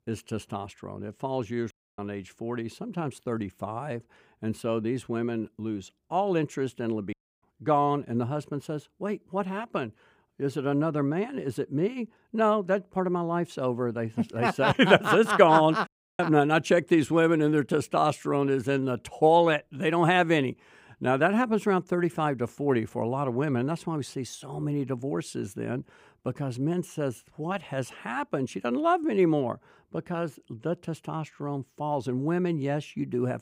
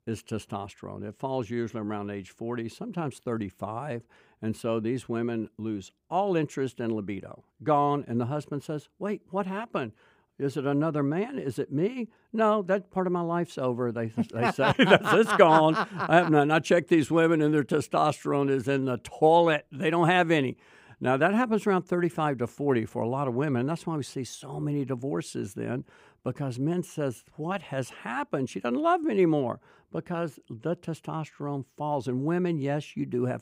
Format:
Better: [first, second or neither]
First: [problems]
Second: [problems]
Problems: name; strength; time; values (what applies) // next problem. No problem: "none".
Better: second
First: audio cutting out; at 1.5 s, at 7 s and at 16 s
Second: none